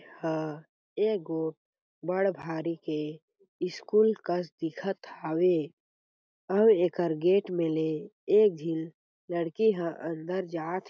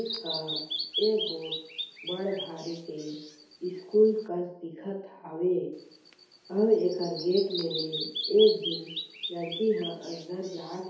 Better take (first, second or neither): first